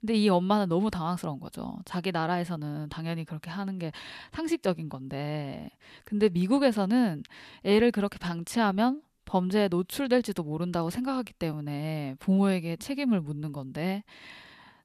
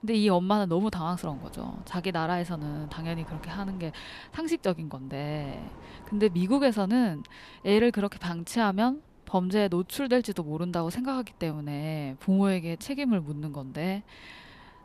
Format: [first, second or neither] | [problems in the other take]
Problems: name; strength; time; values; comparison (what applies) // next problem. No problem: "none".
first | wind noise on the microphone; occasional gusts; 25 dB below the speech